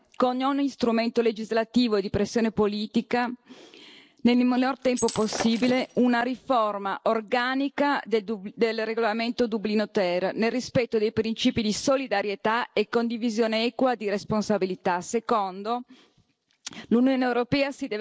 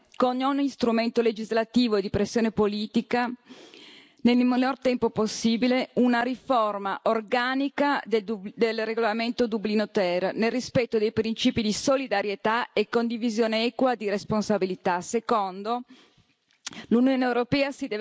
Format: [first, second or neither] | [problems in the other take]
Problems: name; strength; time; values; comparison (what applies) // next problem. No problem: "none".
second | noise reduction (neural separator model SepFormer DNS4)